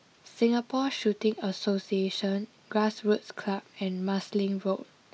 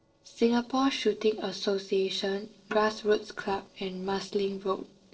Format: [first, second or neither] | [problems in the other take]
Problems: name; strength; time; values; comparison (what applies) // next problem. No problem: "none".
first | noise reduction (neural separator model SepFormer DNS4)